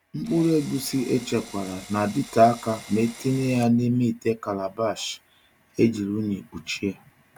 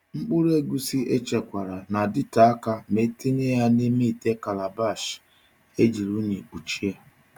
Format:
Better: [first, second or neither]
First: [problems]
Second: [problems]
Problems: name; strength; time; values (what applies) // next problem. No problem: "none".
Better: second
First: background sound (Drill); 19 dB below the speech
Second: none